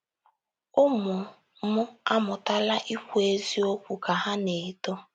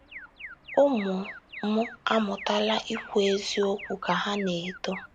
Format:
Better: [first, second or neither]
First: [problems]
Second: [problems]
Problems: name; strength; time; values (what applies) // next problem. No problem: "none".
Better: first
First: none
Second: background sound (Alarm); 15 dB below the speech